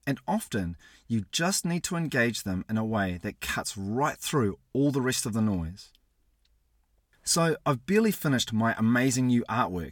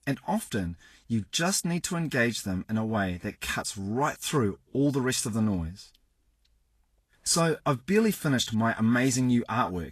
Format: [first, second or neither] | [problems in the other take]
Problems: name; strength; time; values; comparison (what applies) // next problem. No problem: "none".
first | garbled, watery; slightly; nothing above 13 kHz